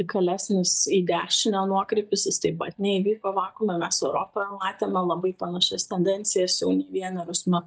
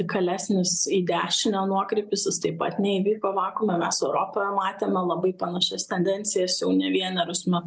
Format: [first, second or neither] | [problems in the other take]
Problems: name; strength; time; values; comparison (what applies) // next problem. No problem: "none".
second | noise reduction (neural mask model DeepFilterNet 3)